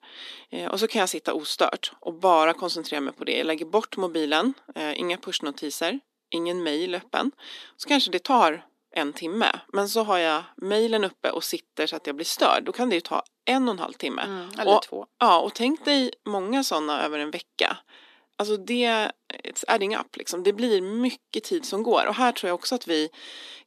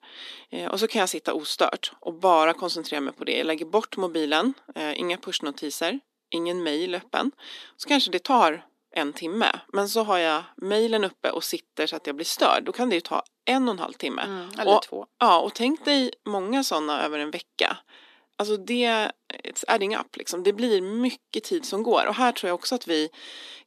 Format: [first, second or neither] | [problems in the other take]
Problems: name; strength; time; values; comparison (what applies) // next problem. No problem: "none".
neither | thin; somewhat; fading below 250 Hz; the same in both